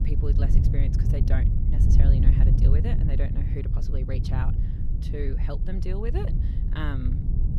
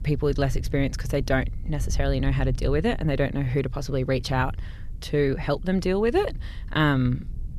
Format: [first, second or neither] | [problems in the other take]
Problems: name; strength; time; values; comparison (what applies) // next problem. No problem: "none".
second | low rumble; loud; throughout; 1 dB below the speech; faint in the second